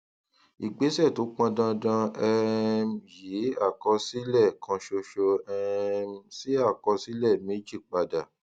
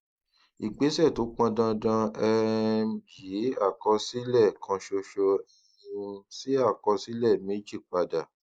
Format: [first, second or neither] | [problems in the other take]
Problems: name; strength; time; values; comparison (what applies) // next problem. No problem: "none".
first | noise reduction (neural mask model Resemble Enhance denoiser)